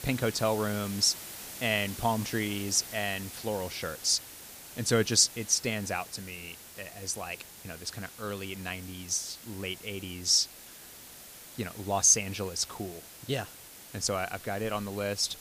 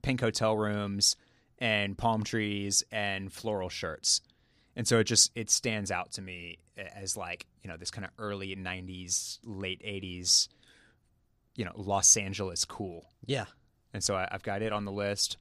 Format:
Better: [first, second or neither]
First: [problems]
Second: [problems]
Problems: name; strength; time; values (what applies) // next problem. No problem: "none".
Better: second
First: hiss; noticeable; throughout; 15 dB below the speech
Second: none